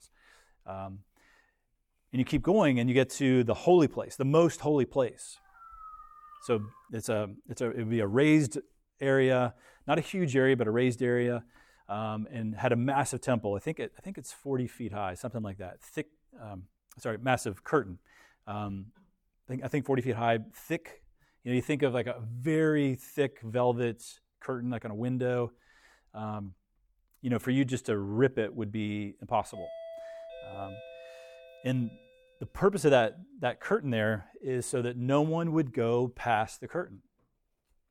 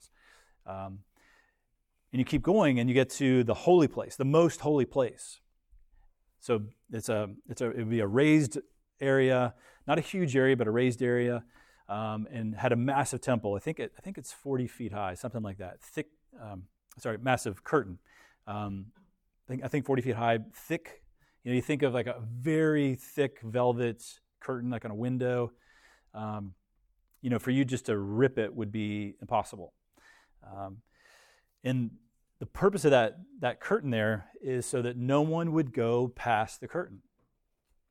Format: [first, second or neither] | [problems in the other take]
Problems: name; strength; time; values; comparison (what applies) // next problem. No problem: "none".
second | dog barking; faint; from 5.5 to 7 s; peak 20 dB below the speech // doorbell; faint; from 30 to 32 s; peak 15 dB below the speech